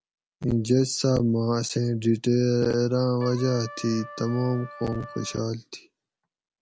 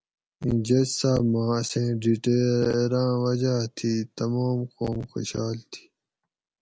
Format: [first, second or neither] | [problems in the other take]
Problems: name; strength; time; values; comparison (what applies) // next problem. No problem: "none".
second | background sound (Trumpet); 17 dB below the speech